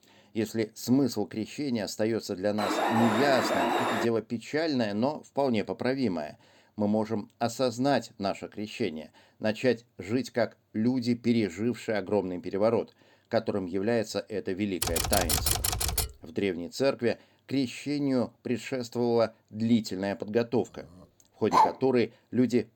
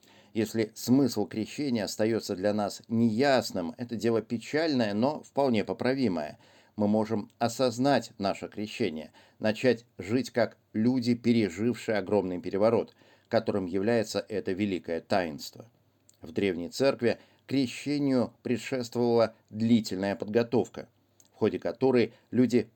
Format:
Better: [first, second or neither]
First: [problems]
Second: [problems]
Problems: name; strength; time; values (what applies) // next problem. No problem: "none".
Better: second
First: alarm; loud; from 2.5 to 4 s; peak 3 dB above the speech // keyboard typing; loud; from 15 to 16 s; peak 4 dB above the speech // dog barking; loud; at 22 s; peak 5 dB above the speech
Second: none